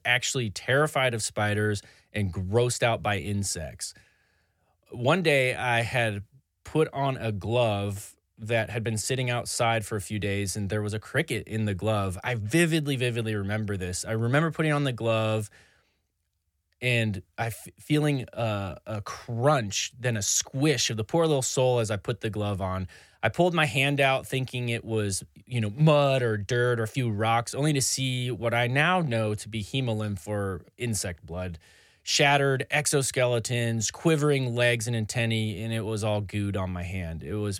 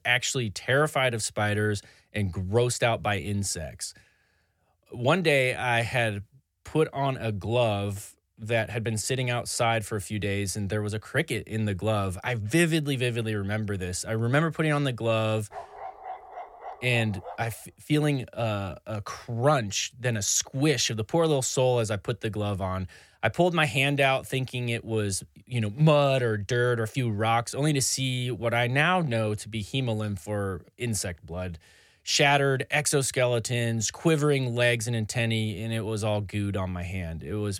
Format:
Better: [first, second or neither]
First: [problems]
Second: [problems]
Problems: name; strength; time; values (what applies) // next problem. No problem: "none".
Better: first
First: none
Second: dog barking; faint; from 16 to 18 s; peak 15 dB below the speech